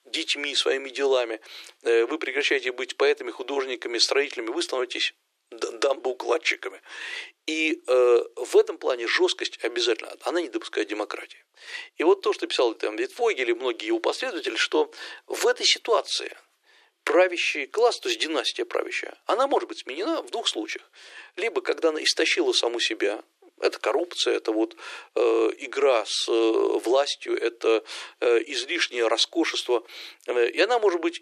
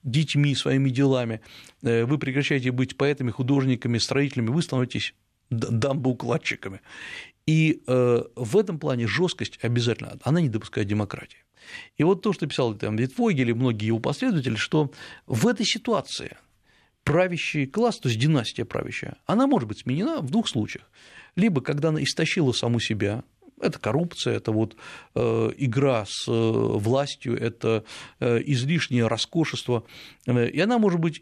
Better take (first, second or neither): second